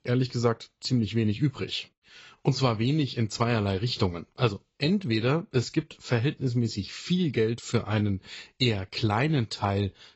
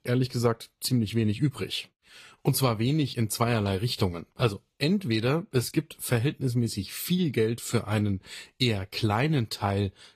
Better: second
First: garbled, watery; badly; nothing above 8 kHz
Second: garbled, watery; slightly; nothing above 14.5 kHz

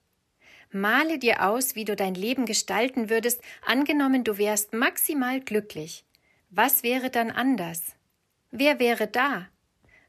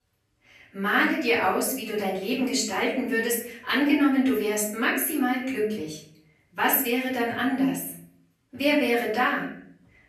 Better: first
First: none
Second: off-mic speech; far // room echo; noticeable; dies away in 0.5 s

